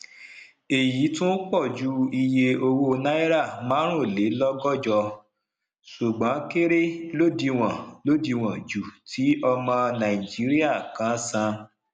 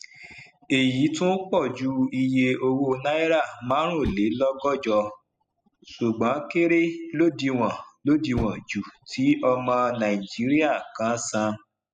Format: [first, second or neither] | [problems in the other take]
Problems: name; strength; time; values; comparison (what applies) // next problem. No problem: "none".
first | noise reduction (classical method spectral subtraction)